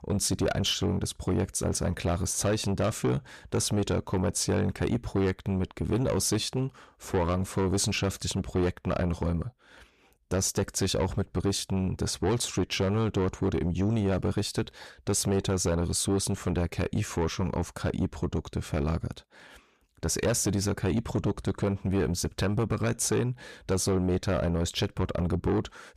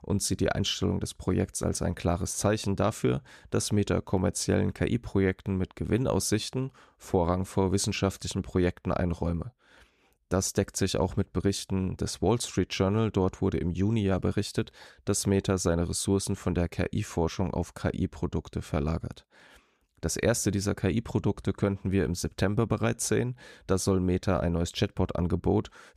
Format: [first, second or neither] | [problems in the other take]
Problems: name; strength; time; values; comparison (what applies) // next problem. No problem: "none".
second | distortion; heavy; 8 dB below the speech